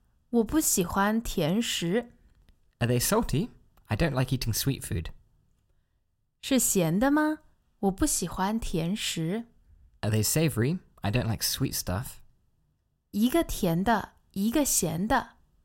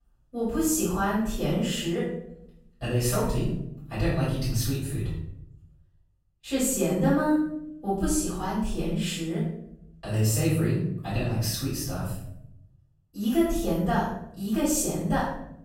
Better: first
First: none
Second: off-mic speech; far // room echo; noticeable; dies away in 0.7 s

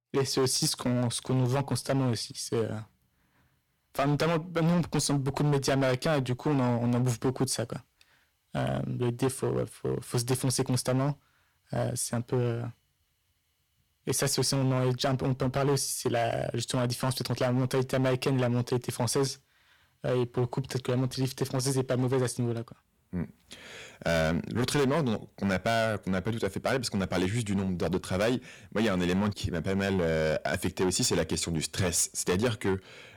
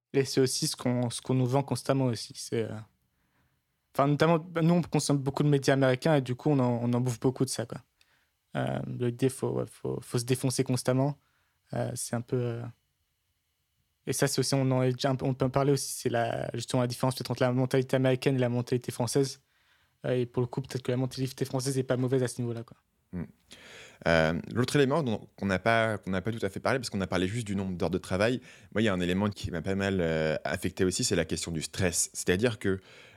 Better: second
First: distortion; heavy; 10% of the sound clipped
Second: none

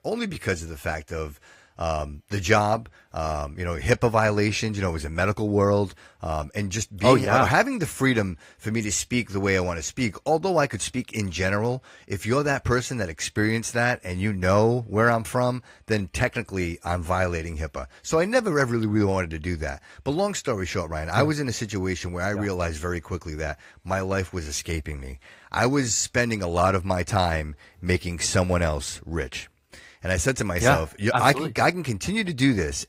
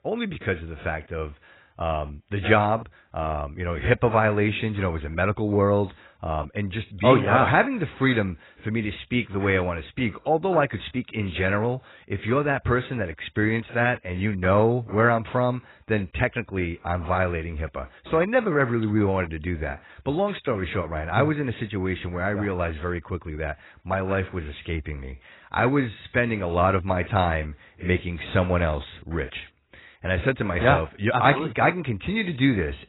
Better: first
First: garbled, watery; slightly; nothing above 15.5 kHz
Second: garbled, watery; badly; nothing above 4 kHz

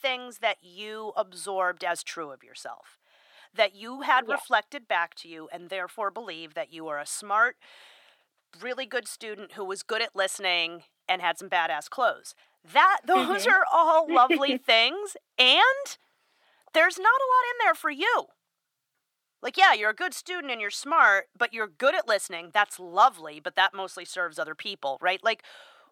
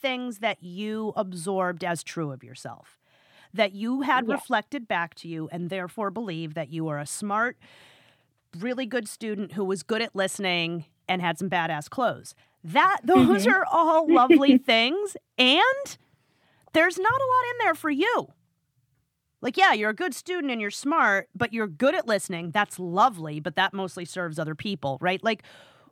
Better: second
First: thin; very; fading below 600 Hz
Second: none

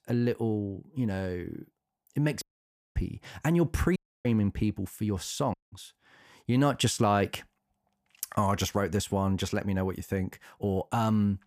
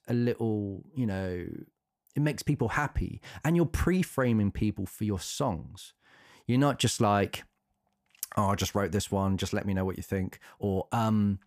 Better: second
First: audio cutting out; at 2.5 s for 0.5 s, at 4 s and at 5.5 s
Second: none

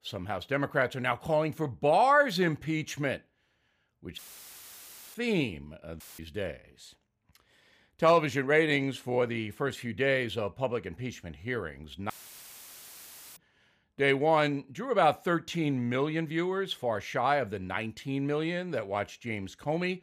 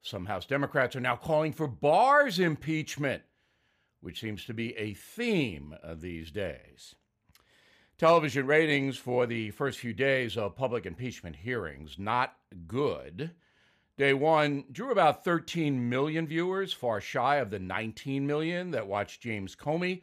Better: second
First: audio cutting out; filled with static; at 4 s for 1 s, at 6 s and at 12 s for 1.5 s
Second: none

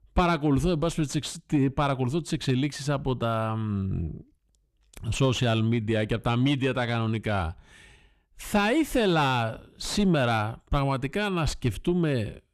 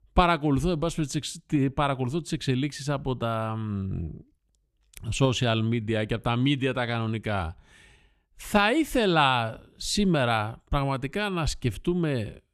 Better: second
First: distortion; slight; 10 dB below the speech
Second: none

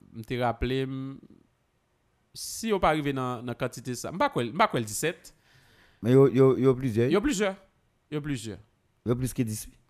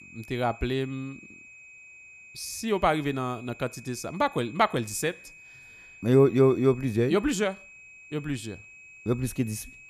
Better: first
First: none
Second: high-pitched whine; noticeable; throughout; 2.5 kHz, 20 dB below the speech

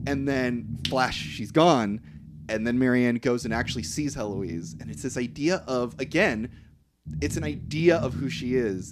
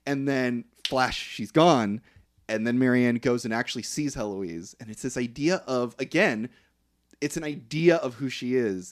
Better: second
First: low rumble; faint; throughout; 20 dB below the speech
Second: none

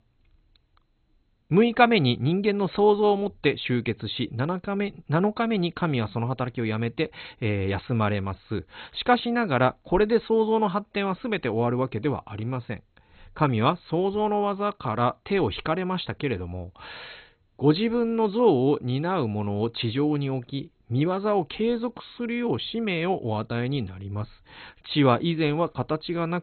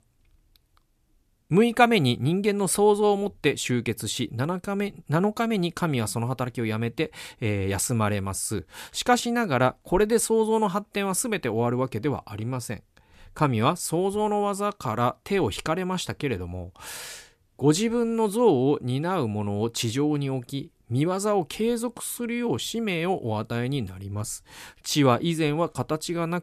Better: second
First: garbled, watery; badly; nothing above 4 kHz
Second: none

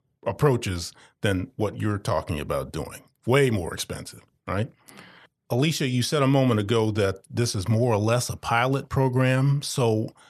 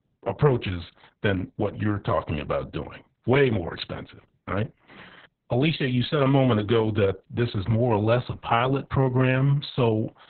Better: first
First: none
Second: garbled, watery; badly; nothing above 4 kHz

